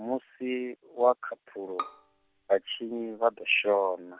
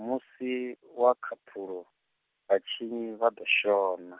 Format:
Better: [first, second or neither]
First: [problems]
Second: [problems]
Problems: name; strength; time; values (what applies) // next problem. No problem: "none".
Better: second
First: background sound (Bowed string instrument); 14 dB below the speech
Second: none